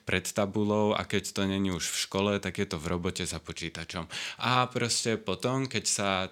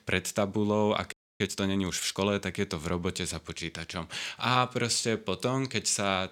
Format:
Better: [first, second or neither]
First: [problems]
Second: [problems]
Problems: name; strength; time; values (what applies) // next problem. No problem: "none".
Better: first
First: none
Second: audio freezing; at 1 s